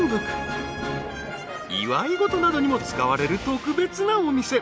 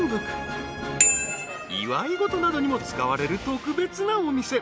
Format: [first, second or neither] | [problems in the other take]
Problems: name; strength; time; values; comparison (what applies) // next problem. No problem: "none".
first | background sound (Bicycle bell); 2 dB below the speech